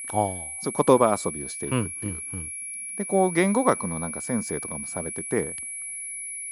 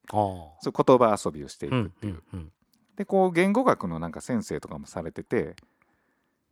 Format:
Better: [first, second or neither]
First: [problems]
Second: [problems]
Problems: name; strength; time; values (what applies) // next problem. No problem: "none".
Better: second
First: high-pitched whine; loud; throughout; 10.5 kHz, 7 dB below the speech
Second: none